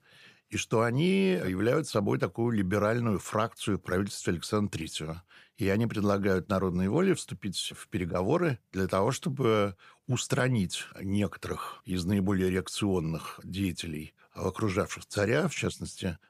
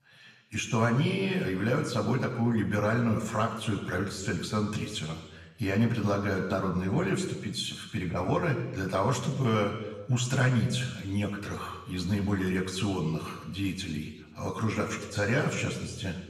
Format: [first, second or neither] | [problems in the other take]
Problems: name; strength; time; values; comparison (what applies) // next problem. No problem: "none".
first | room echo; slight; dies away in 1.1 s // off-mic speech; somewhat distant